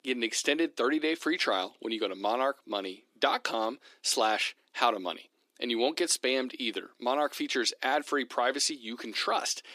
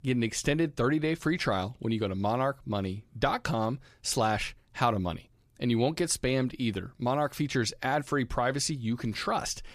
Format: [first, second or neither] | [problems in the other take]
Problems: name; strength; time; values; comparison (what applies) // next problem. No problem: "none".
second | thin; somewhat; fading below 300 Hz